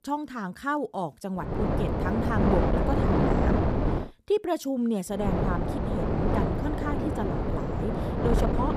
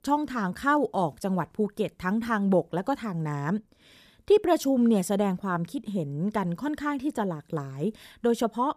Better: second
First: wind noise on the microphone; heavy; from 1.5 to 4 s and from 5 s on; 2 dB above the speech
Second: none

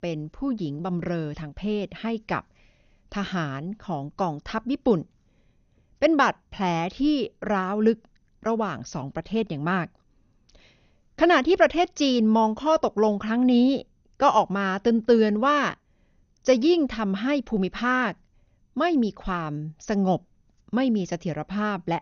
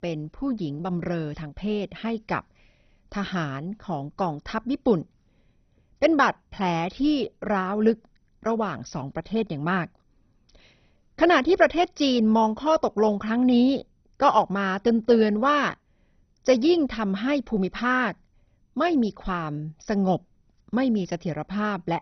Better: first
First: garbled, watery; slightly; nothing above 6.5 kHz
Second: garbled, watery; badly; nothing above 6 kHz

